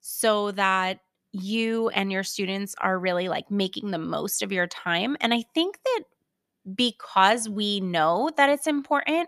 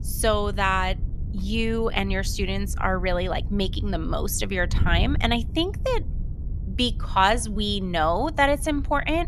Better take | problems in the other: first | wind noise on the microphone; occasional gusts; 20 dB below the speech

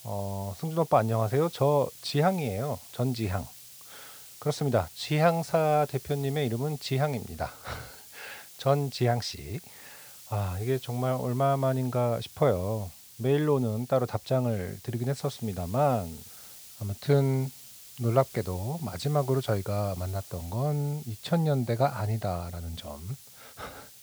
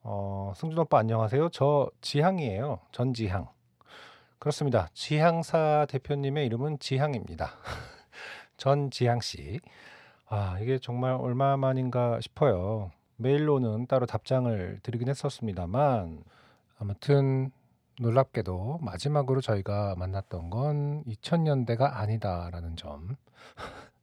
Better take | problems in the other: second | hiss; noticeable; throughout; 15 dB below the speech

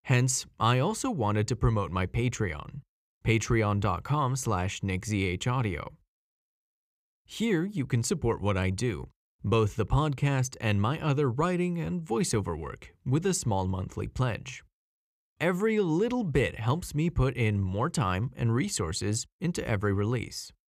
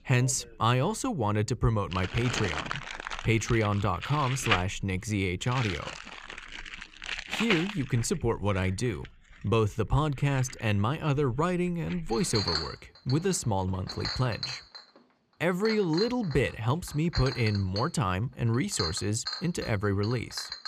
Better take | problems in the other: first | household noises; loud; throughout; 7 dB below the speech

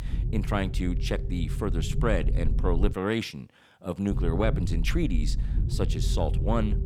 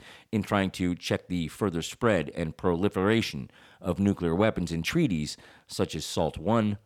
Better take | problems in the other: second | low rumble; noticeable; until 3 s and from 4 s on; 10 dB below the speech

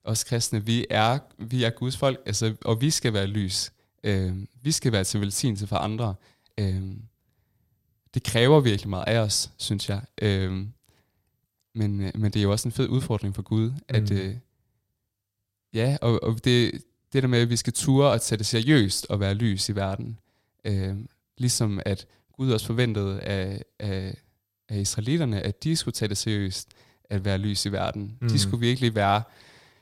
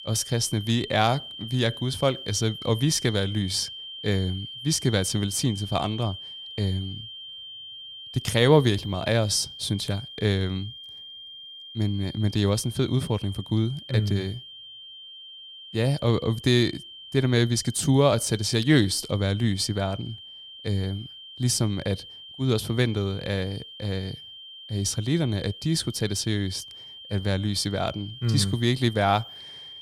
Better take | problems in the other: first | high-pitched whine; noticeable; throughout; 3 kHz, 15 dB below the speech

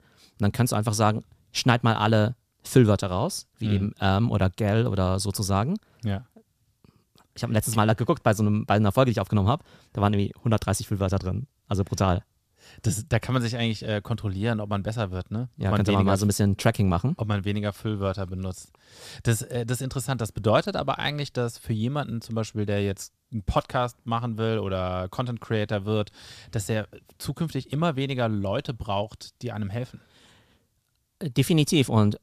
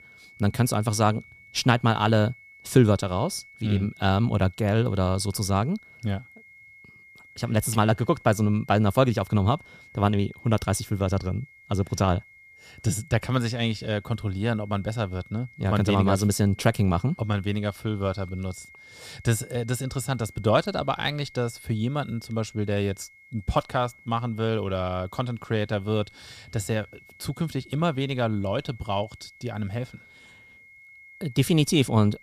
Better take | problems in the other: first | high-pitched whine; faint; throughout; 2 kHz, 25 dB below the speech

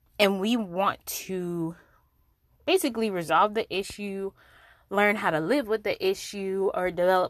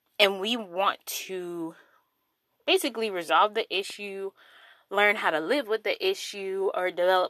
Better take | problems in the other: first | thin; somewhat; fading below 350 Hz

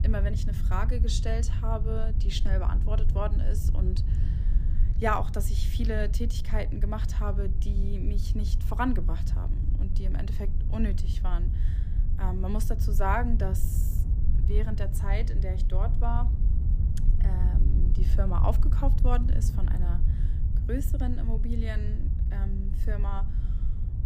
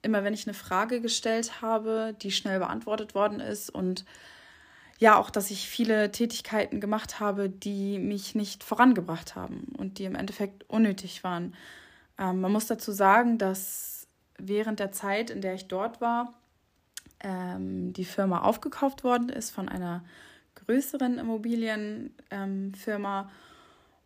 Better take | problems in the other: second | wind noise on the microphone; occasional gusts; 10 dB below the speech

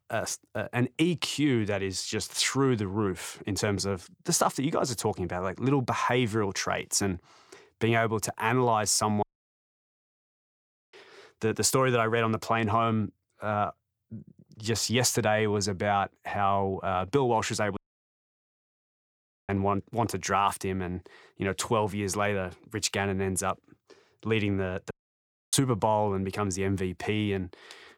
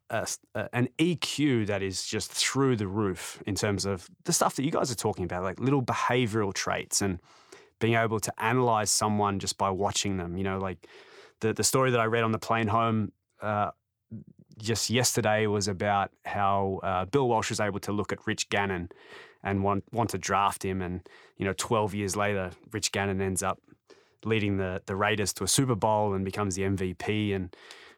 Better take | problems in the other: second | audio cutting out; at 9 s for 1.5 s, at 18 s for 1.5 s and at 25 s for 0.5 s

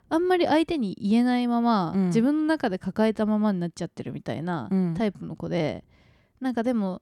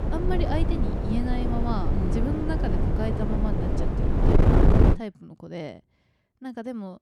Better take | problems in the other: first | wind noise on the microphone; heavy; until 5 s; 3 dB above the speech

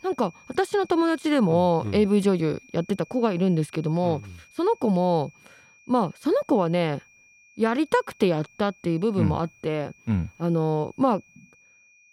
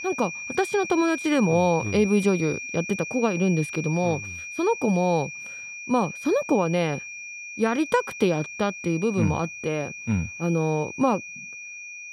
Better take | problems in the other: first | high-pitched whine; loud; throughout; 2.5 kHz, 9 dB below the speech; faint in the first

